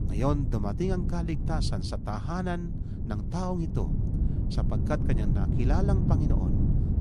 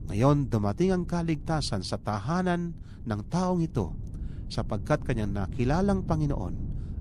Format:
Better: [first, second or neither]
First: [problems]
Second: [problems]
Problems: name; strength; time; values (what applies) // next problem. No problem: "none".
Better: second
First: wind noise on the microphone; heavy; 5 dB below the speech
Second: wind noise on the microphone; occasional gusts; 20 dB below the speech